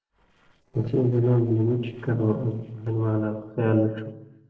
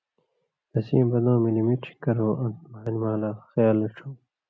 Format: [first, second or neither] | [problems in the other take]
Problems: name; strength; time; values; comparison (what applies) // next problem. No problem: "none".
second | noise reduction (neural separator model SepFormer DNS4)